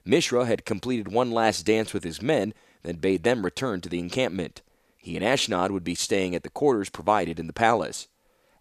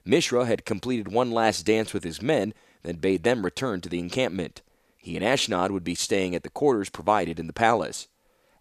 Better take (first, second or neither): neither